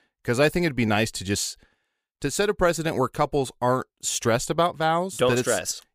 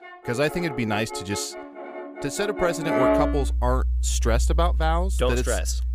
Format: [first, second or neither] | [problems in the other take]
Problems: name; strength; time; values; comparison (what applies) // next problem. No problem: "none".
first | background music; very loud; throughout; as loud as the speech